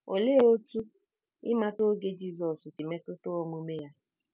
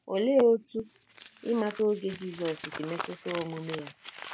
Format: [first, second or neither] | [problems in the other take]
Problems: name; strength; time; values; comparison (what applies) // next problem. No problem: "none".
first | background sound (Crumpling, crinkling); 15 dB below the speech